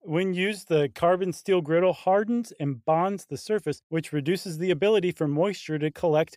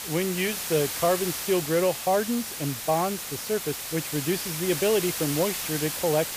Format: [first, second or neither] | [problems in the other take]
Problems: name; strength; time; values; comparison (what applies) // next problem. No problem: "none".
first | hiss; loud; throughout; 3 dB below the speech